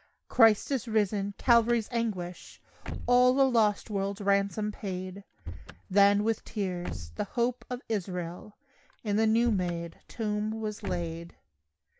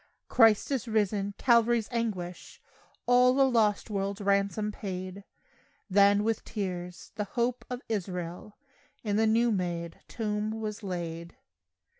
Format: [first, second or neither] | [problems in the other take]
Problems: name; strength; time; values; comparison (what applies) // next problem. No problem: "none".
second | background sound (Slam / Car); 14 dB below the speech